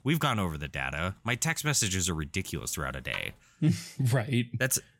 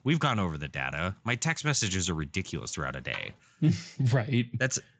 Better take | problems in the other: first | garbled, watery; slightly; nothing above 7.5 kHz

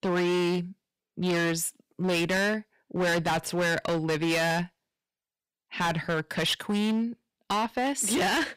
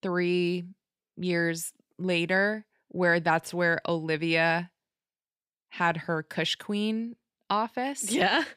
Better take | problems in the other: second | distortion; heavy; 20% of the sound clipped

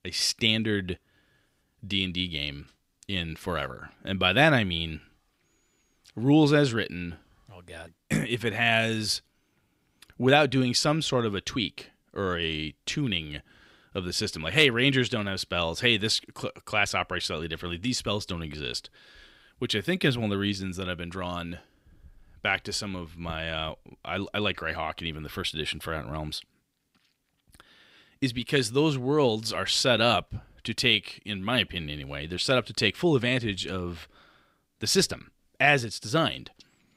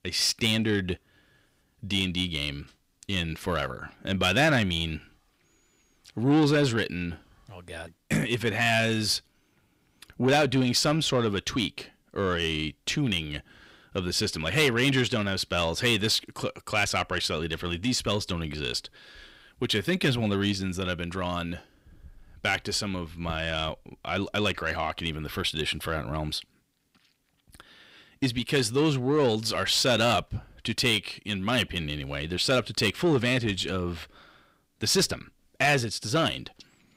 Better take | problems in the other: first | distortion; slight; 10 dB below the speech

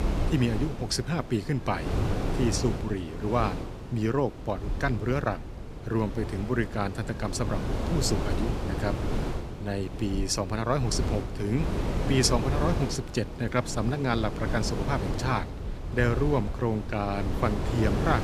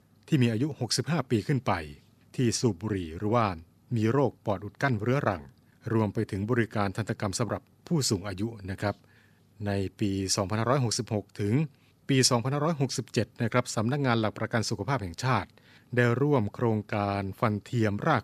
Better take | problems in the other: second | wind noise on the microphone; heavy; 7 dB below the speech

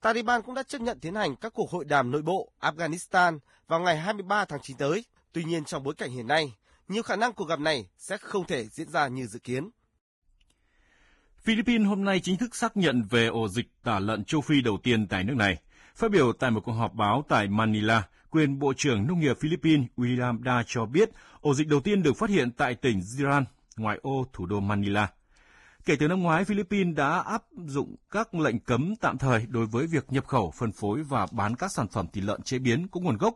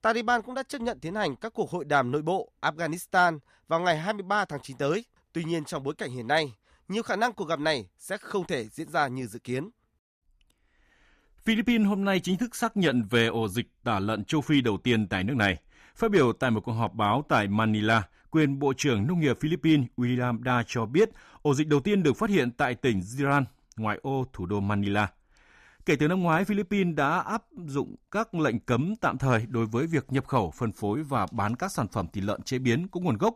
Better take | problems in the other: second | garbled, watery; badly; nothing above 10.5 kHz

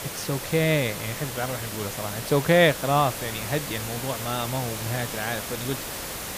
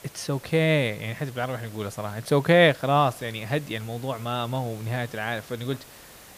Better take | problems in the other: second | hiss; loud; throughout; 6 dB below the speech; faint in the second

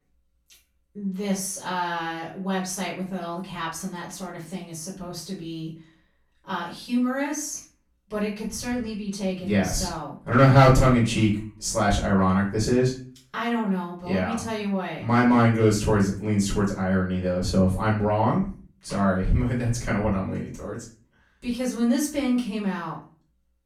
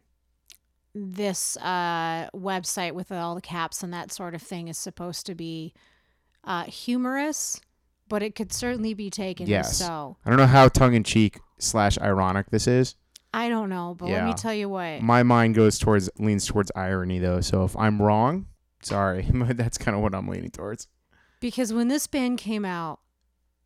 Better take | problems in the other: second | room echo; slight; dies away in 0.4 s // off-mic speech; far

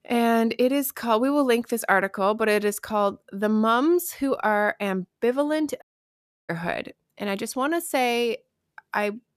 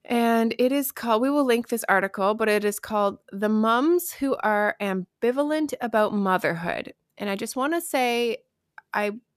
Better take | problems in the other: second | audio cutting out; at 6 s for 0.5 s

